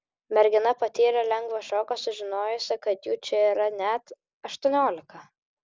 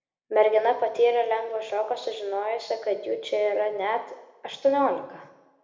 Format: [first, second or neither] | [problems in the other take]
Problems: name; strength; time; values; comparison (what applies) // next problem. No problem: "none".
first | room echo; dies away in 0.9 s